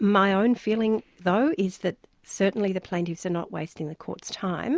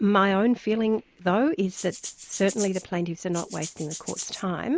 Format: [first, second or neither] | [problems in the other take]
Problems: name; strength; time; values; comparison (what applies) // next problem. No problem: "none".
first | noise reduction (neural mask model Resemble Enhance denoiser)